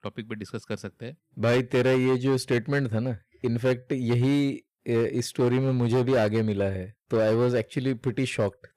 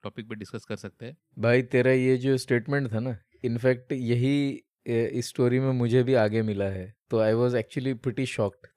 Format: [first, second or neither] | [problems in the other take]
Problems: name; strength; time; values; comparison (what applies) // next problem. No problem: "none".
second | distortion; slight; 9% of the sound clipped